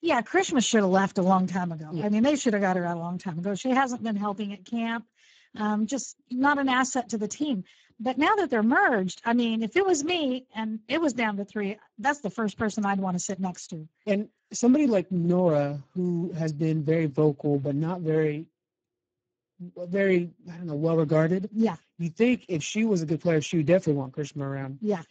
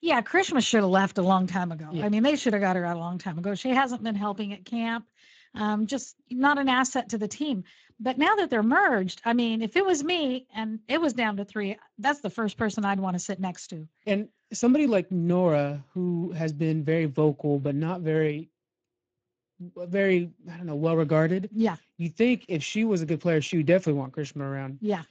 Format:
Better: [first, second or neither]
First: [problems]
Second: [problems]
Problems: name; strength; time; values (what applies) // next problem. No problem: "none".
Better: second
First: garbled, watery; badly; nothing above 7.5 kHz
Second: garbled, watery; slightly; nothing above 7.5 kHz